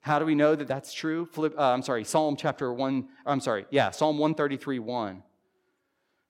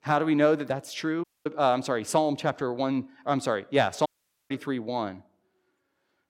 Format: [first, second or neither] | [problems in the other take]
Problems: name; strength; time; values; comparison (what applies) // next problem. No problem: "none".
first | audio cutting out; at 1 s and at 4 s